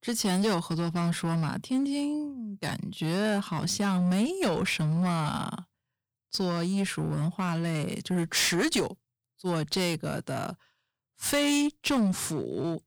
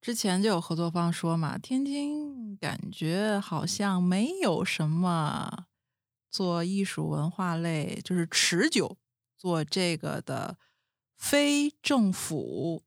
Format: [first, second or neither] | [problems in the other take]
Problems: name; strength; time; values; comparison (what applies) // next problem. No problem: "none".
second | distortion; slight; 10% of the sound clipped